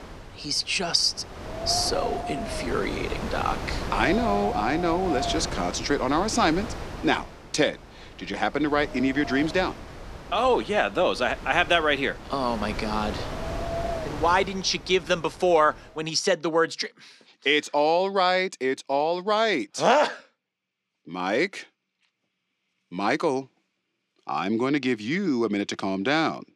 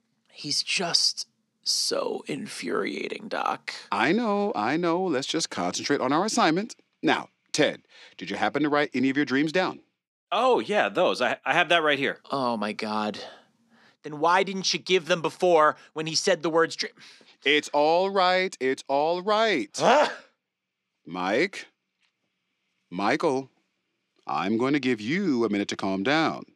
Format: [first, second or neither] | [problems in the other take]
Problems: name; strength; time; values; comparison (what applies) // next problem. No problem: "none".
second | wind noise on the microphone; heavy; until 16 s; 10 dB below the speech